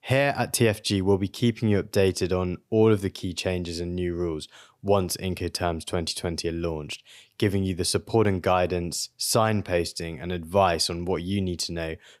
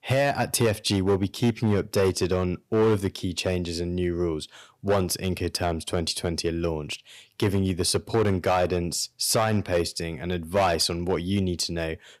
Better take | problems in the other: first | distortion; slight; 4% of the sound clipped

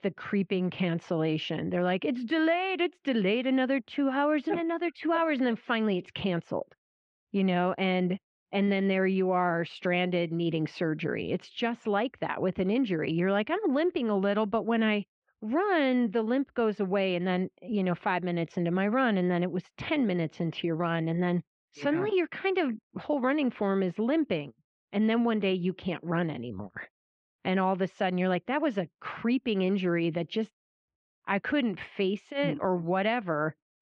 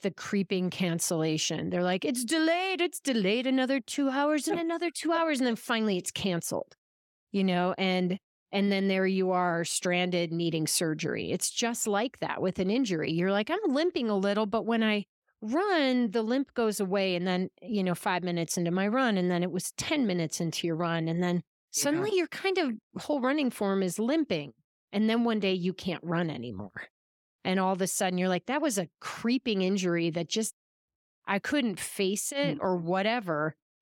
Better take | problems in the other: second | muffled; very; fading above 3 kHz

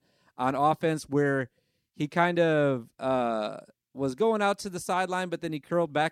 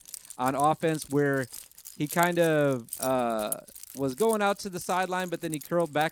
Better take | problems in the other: first | jangling keys; noticeable; peak 8 dB below the speech

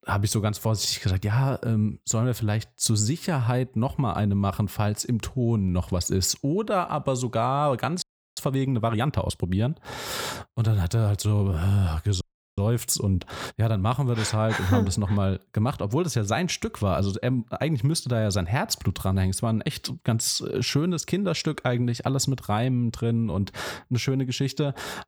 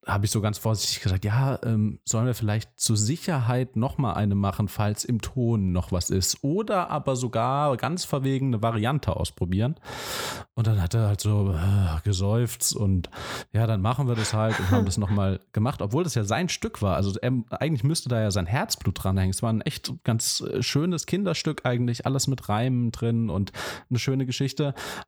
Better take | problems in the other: second | audio freezing; at 8 s and at 12 s

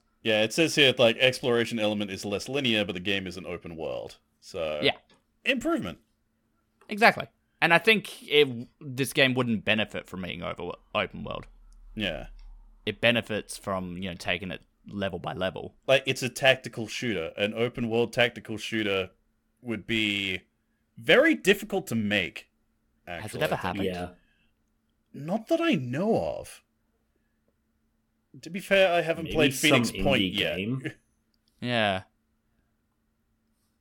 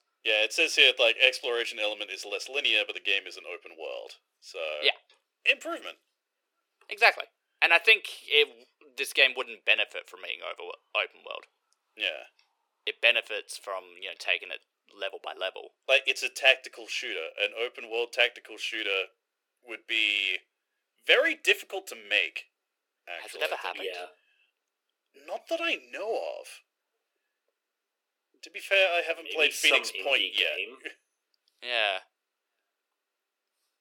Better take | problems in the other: first | thin; very; fading below 400 Hz

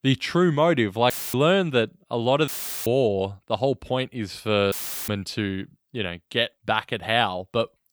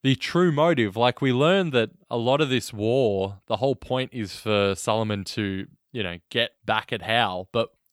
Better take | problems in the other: second | audio cutting out; filled with static; at 1 s, at 2.5 s and at 4.5 s

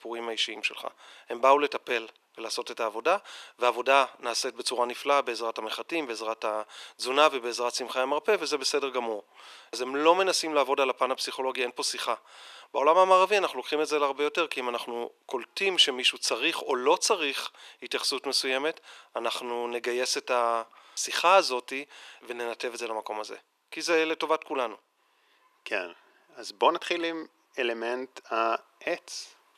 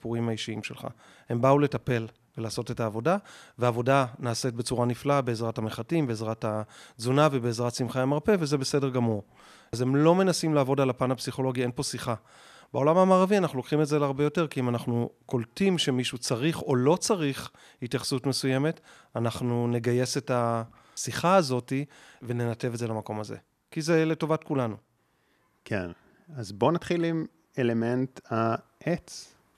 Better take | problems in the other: second | thin; very; fading below 350 Hz

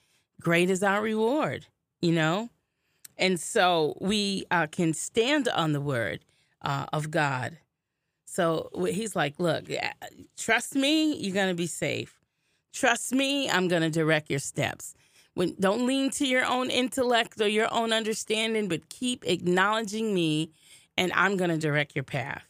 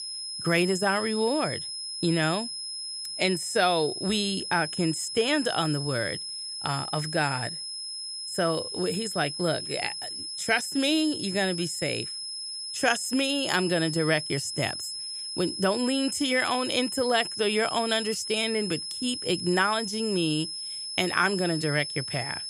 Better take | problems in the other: first | high-pitched whine; loud; throughout; 5 kHz, 5 dB below the speech

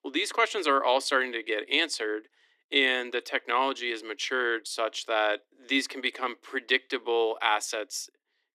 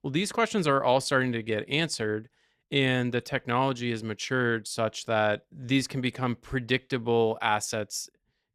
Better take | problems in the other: second | thin; somewhat; fading below 300 Hz

